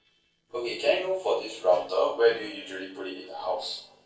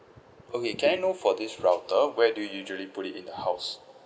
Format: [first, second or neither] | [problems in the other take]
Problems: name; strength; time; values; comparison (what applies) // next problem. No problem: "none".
second | noise reduction (neural separator model SepFormer DNS4)